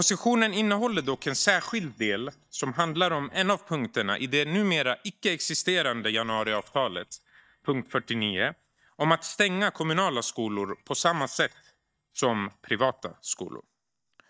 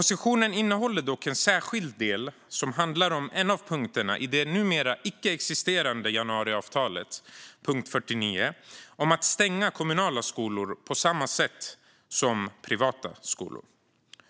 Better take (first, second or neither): second